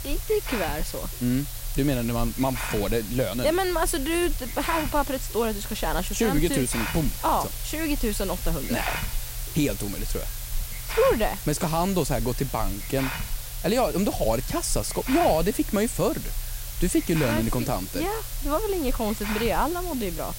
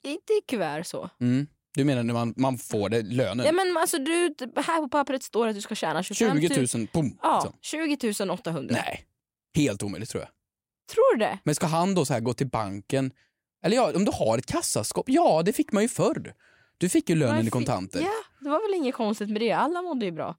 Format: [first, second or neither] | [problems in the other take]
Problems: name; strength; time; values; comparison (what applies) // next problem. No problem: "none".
second | hiss; loud; throughout; 6 dB below the speech